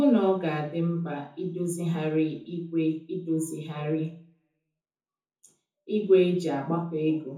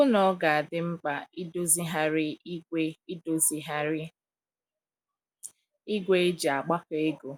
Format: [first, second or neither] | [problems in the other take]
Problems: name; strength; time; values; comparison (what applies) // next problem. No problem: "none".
second | room echo; dies away in 0.6 s